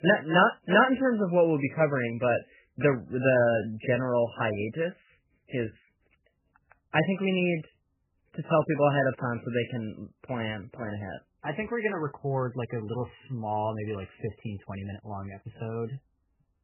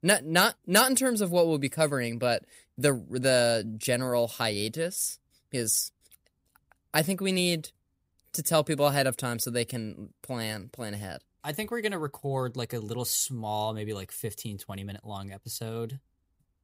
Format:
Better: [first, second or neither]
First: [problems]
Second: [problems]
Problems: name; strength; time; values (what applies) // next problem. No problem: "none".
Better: second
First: garbled, watery; badly; nothing above 3 kHz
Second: none